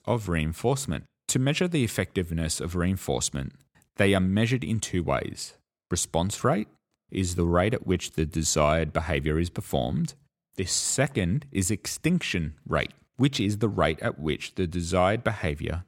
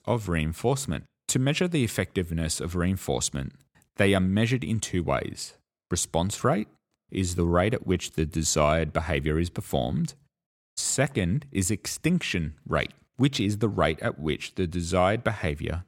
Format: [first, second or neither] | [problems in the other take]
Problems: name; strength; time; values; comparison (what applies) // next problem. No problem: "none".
first | audio cutting out; at 10 s